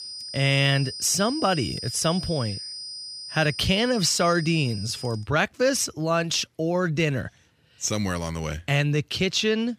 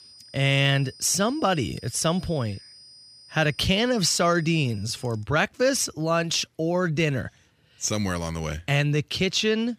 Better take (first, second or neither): second